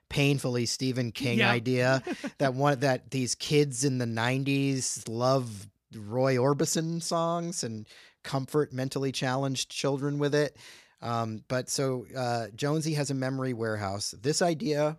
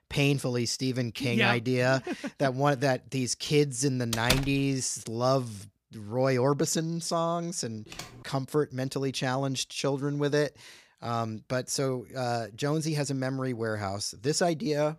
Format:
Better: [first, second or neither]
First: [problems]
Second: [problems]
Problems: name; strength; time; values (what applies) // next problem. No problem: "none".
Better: first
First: none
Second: door banging; loud; at 4 s; peak level with the speech // keyboard typing; faint; at 8 s; peak 15 dB below the speech